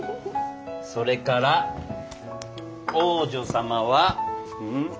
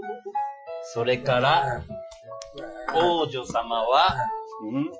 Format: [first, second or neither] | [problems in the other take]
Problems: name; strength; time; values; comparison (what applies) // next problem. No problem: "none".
first | noise reduction (classical method Wiener filter)